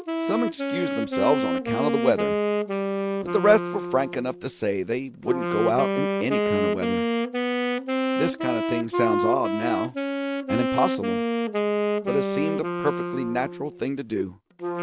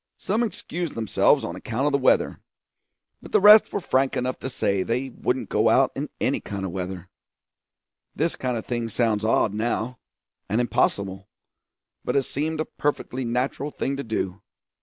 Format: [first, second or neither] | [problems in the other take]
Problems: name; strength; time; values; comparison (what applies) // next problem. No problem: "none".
second | background sound (Wind instrument, woodwind instrument); 1 dB above the speech